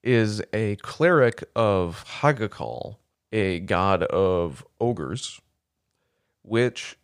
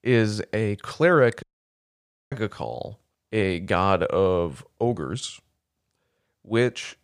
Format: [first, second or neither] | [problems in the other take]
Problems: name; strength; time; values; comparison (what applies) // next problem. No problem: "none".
first | audio cutting out; at 1.5 s for 1 s